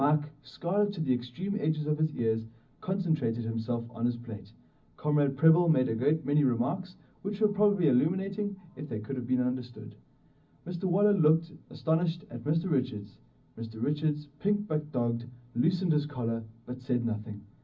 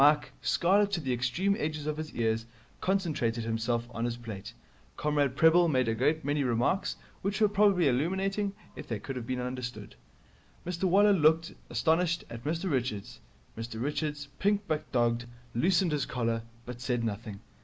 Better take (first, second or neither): second